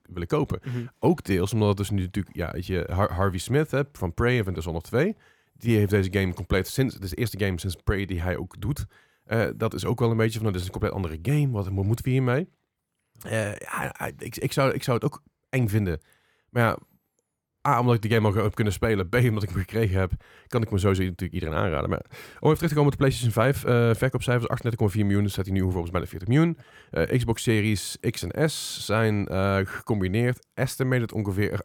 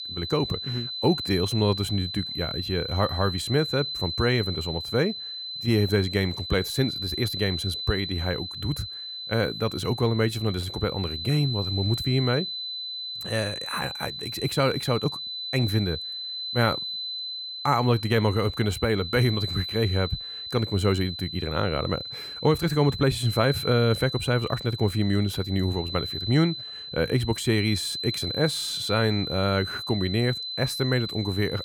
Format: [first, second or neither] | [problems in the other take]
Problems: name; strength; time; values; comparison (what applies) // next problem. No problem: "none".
first | high-pitched whine; loud; throughout; 4 kHz, 5 dB below the speech